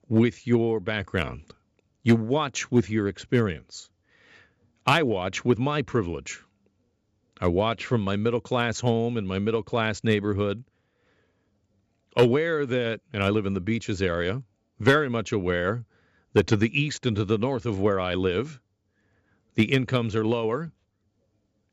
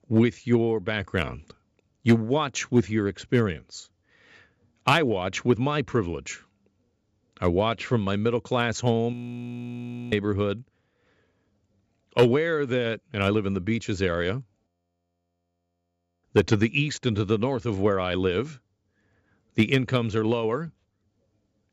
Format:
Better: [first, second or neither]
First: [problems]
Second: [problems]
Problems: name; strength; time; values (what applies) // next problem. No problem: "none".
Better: first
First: none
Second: audio freezing; at 9 s for 1 s and at 15 s for 1.5 s